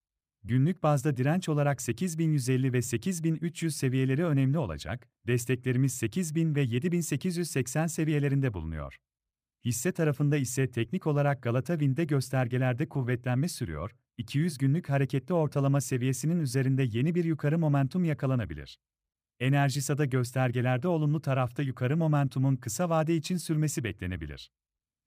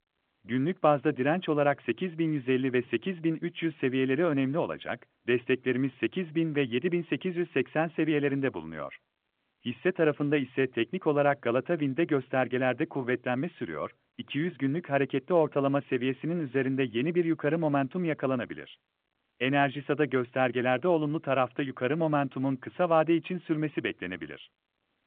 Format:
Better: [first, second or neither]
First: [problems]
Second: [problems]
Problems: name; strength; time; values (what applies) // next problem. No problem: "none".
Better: first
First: none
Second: phone-call audio